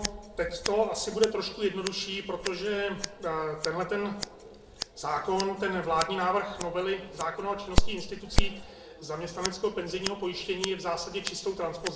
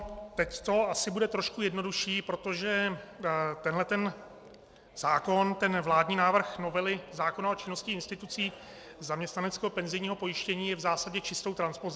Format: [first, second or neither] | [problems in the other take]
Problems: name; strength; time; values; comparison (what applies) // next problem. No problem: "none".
second | background sound (Scissors); 2 dB below the speech // room echo; dies away in 0.6 s